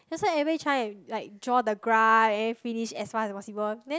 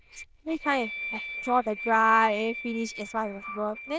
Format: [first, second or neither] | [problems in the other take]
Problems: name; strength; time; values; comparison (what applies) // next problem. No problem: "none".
first | noise reduction (neural diffusion model UNIVERSE++)